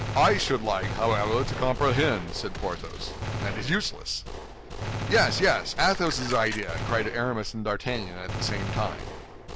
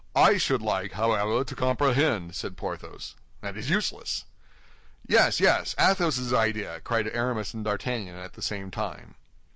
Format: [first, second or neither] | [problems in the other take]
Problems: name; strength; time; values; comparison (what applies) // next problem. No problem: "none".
second | background sound (Gunshot, gunfire); 6 dB below the speech